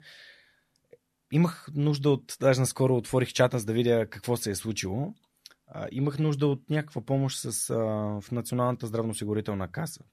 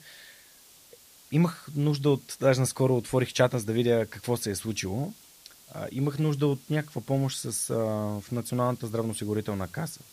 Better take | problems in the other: first | hiss; faint; throughout; 25 dB below the speech

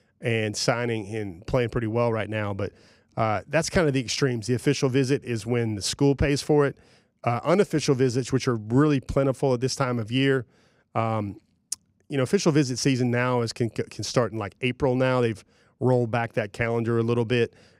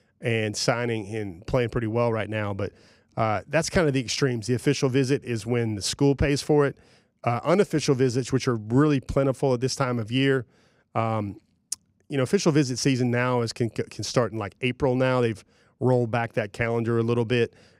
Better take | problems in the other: neither | none

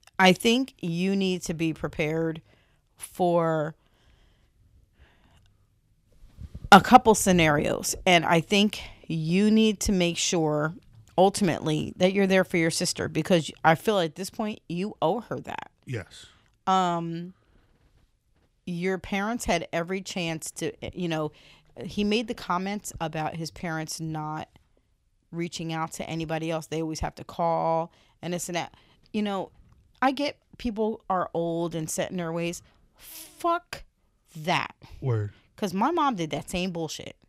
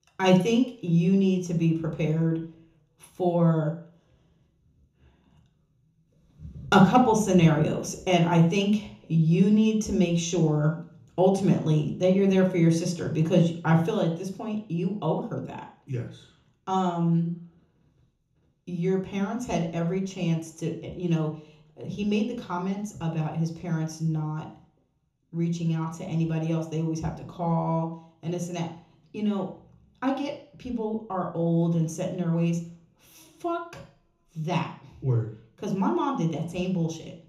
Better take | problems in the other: first | room echo; slight; dies away in 0.6 s // off-mic speech; somewhat distant

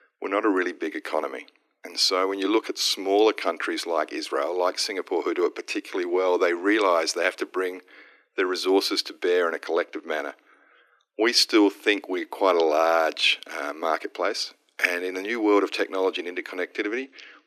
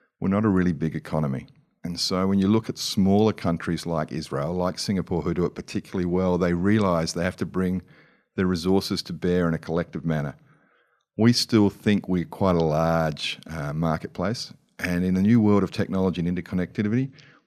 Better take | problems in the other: second | thin; very; fading below 300 Hz

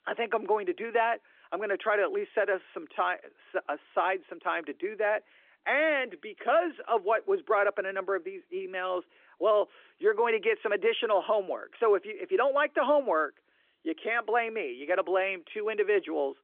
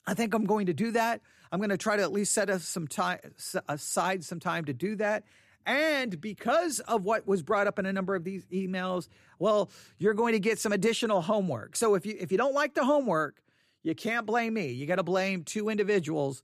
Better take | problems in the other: second | phone-call audio; nothing above 3.5 kHz

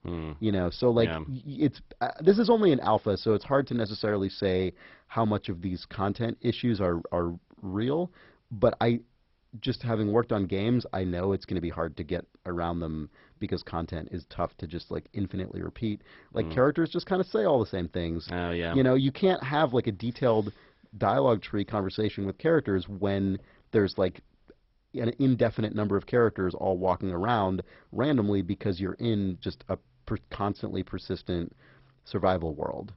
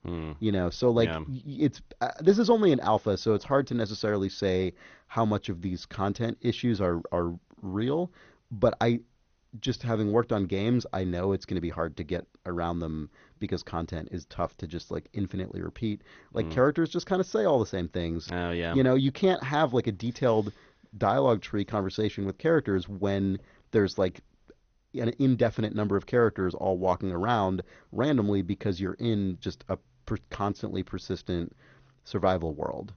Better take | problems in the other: second | garbled, watery; badly; nothing above 5.5 kHz; slightly in the second

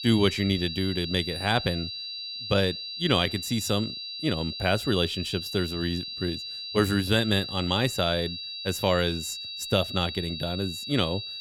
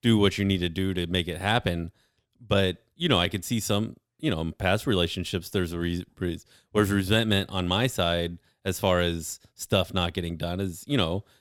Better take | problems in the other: second | high-pitched whine; loud; throughout; 4 kHz, 6 dB below the speech

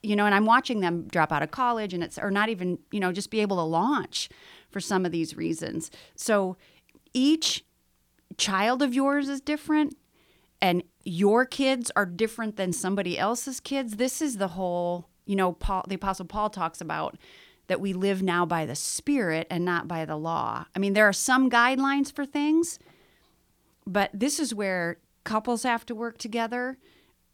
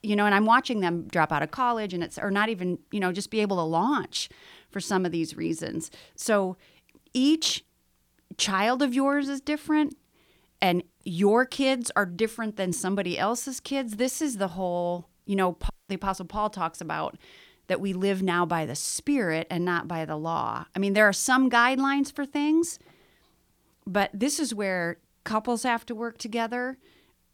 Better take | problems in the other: first | audio cutting out; at 16 s

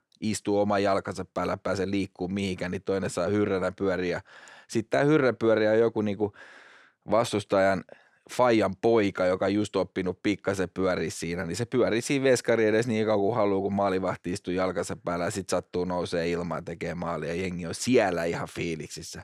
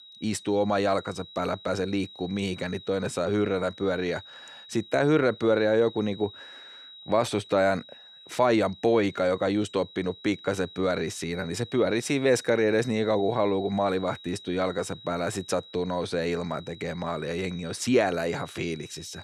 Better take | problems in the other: first | high-pitched whine; noticeable; throughout; 4 kHz, 20 dB below the speech

